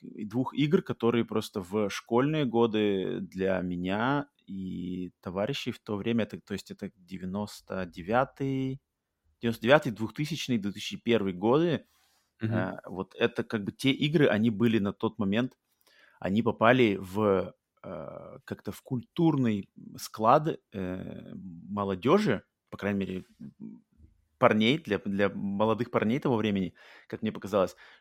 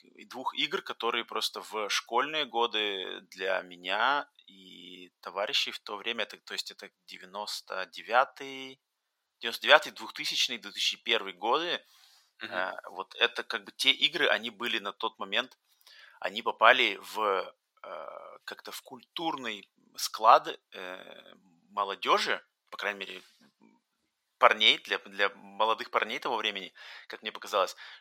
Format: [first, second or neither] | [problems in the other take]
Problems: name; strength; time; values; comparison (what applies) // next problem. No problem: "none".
first | thin; very; fading below 900 Hz